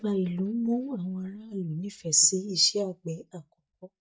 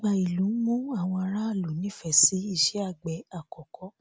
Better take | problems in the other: second | noise reduction (neural mask model DeepFilterNet 3)

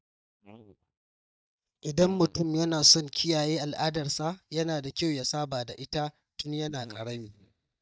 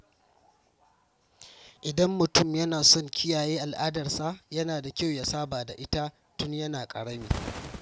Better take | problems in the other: second | noise reduction (neural mask model DeepFilterNet 3)

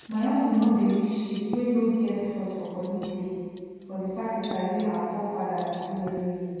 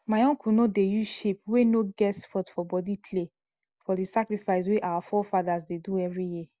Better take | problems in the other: second | background sound (Cutlery, silverware); 19 dB below the speech // room echo; dies away in 2.1 s

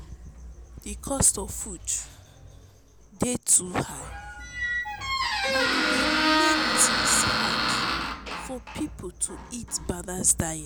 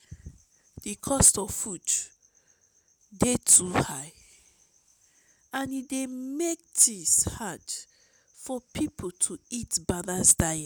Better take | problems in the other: second | background sound (Squeak); 1 dB above the speech

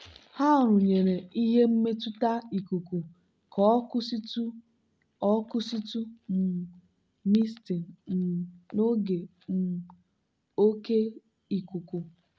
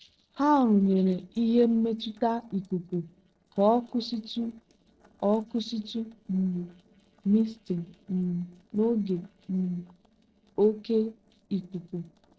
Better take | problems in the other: first | noise reduction (neural separator model SepFormer DNS4)

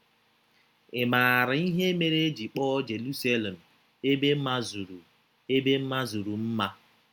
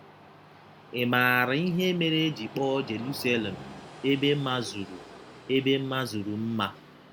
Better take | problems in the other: first | background sound (Train); 17 dB below the speech

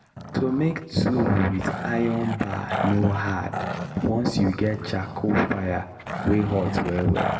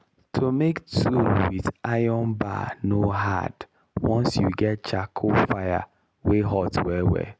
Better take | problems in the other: second | background sound (Growling); 8 dB below the speech // room echo; dies away in 1 s

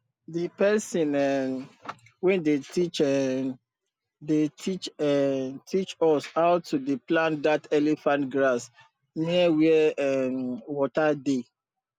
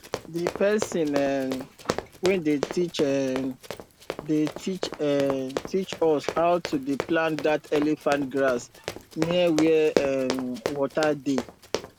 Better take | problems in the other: first | background sound (Run); 9 dB below the speech

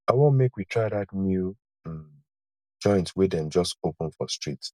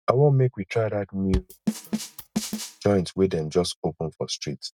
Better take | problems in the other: first | noise reduction (neural mask model RNNoise)

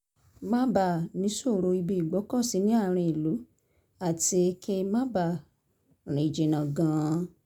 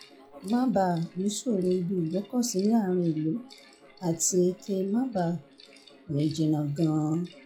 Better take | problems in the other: first | noise reduction (classical method log-MMSE)

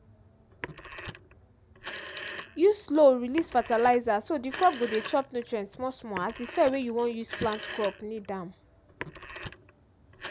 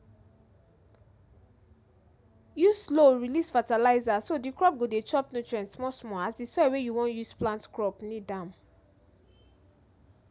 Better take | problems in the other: second | background sound (Telephone); 14 dB below the speech

